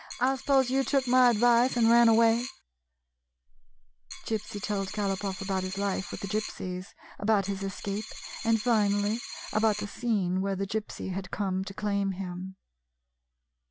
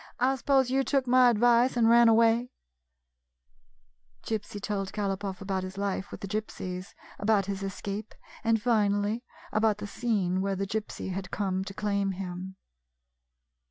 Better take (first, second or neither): second